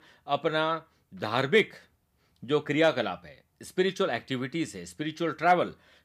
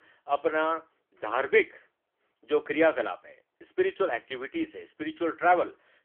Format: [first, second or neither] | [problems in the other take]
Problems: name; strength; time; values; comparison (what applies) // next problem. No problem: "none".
first | phone-call audio; poor line; nothing above 3.5 kHz